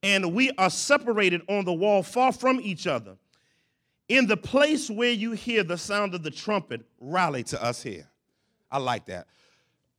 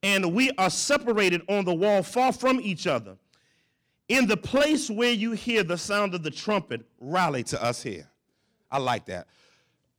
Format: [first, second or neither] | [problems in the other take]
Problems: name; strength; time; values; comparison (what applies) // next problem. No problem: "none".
first | distortion; slight; 4% of the sound clipped